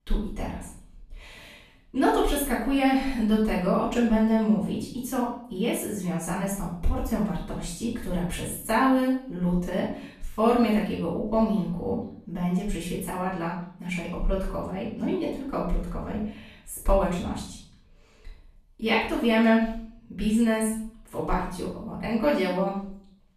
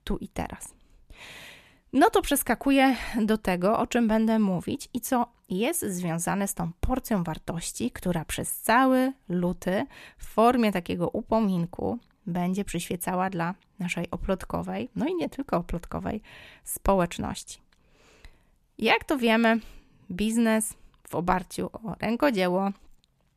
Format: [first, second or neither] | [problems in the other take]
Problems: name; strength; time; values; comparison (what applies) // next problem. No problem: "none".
second | off-mic speech; far // room echo; noticeable; dies away in 0.5 s